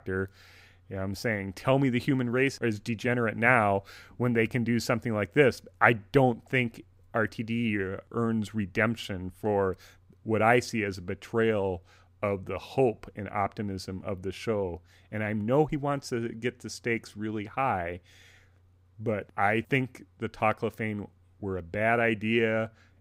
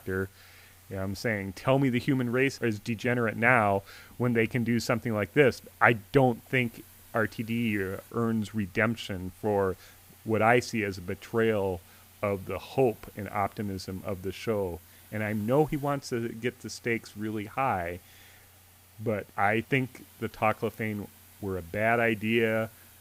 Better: first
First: none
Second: hiss; faint; throughout; 25 dB below the speech

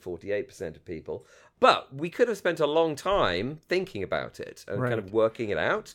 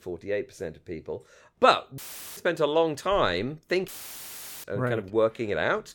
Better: first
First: none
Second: audio cutting out; filled with static; at 2 s and at 4 s for 1 s

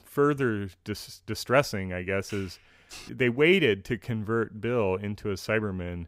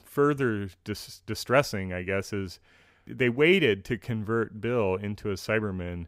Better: second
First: footsteps; faint; at 2.5 s; peak 15 dB below the speech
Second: none

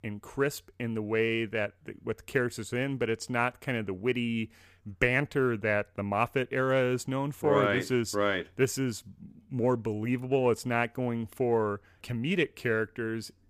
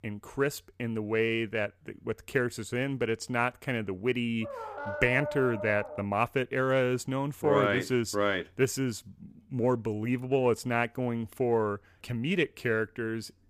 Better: first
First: none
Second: dog barking; noticeable; from 4.5 to 6 s; peak 6 dB below the speech

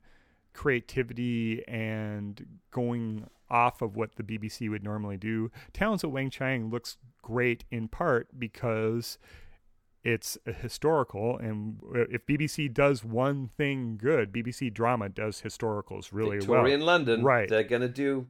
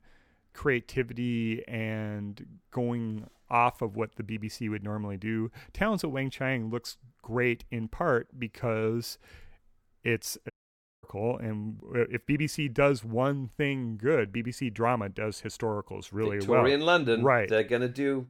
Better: first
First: none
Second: audio cutting out; at 11 s for 0.5 s

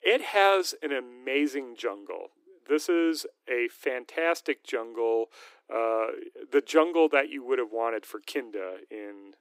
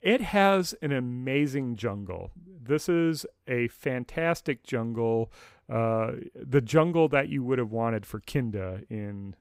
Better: second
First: thin; somewhat; fading below 300 Hz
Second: none

